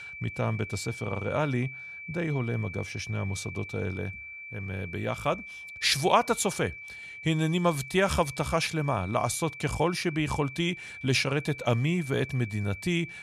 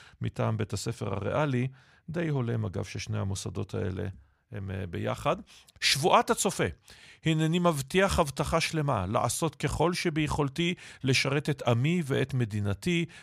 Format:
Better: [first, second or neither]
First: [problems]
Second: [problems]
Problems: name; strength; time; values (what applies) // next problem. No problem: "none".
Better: second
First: high-pitched whine; noticeable; throughout; 2.5 kHz, 10 dB below the speech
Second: none